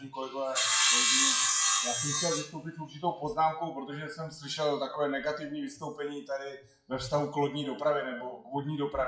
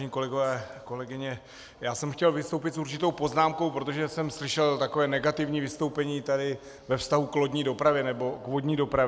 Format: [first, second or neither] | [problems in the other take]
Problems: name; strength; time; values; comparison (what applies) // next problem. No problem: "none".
second | noise reduction (classical method WPE with log-MMSE)